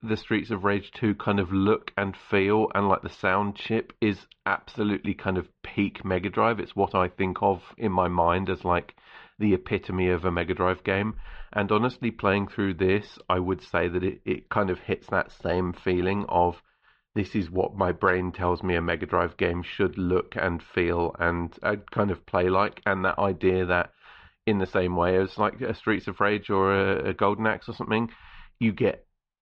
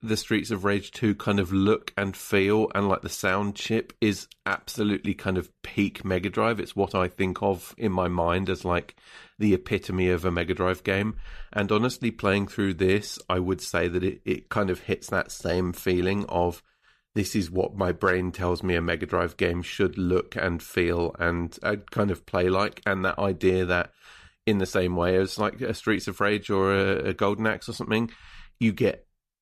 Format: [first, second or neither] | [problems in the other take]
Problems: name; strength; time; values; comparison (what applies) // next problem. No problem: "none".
second | muffled; slightly; fading above 3.5 kHz